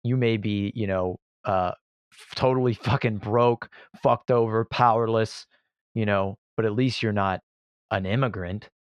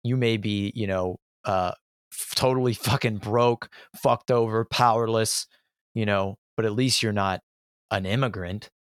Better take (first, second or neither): second